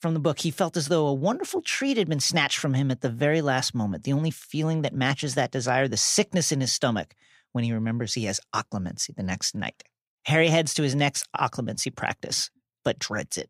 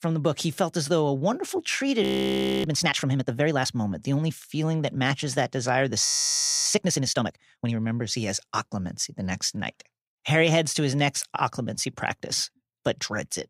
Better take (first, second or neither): first